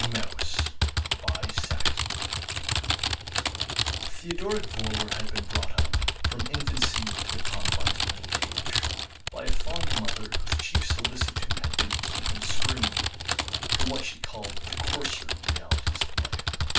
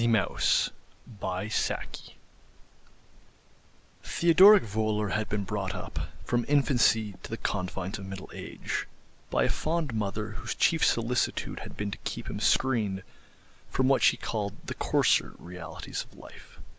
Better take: second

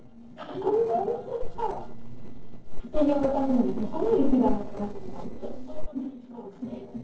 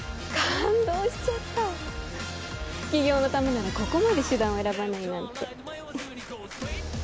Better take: second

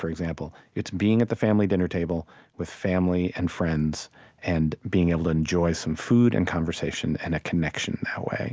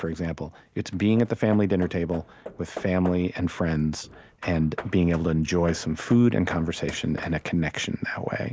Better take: first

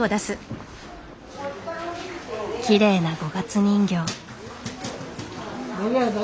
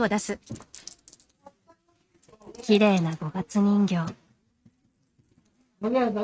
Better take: first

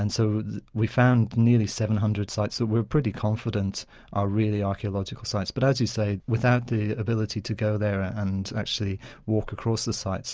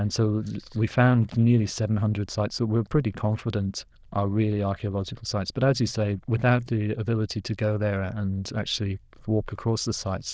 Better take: first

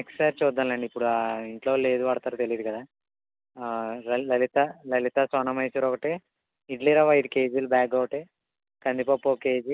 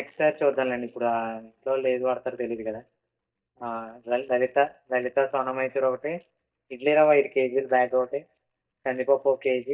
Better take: first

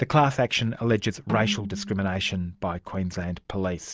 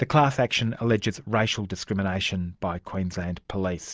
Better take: second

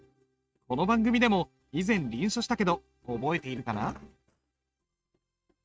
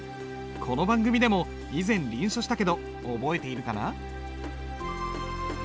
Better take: second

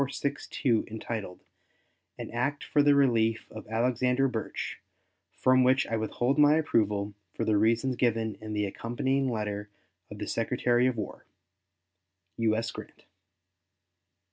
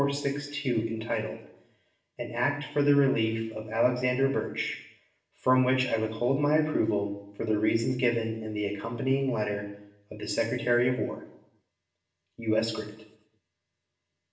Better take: first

